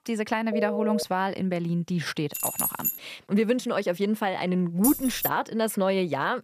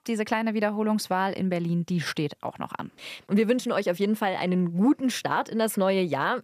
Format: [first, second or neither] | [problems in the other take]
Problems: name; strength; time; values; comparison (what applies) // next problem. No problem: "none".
second | phone ringing; noticeable; at 0.5 s; peak 4 dB below the speech // jangling keys; loud; at 2.5 s; peak 1 dB above the speech // jangling keys; noticeable; at 5 s; peak 1 dB below the speech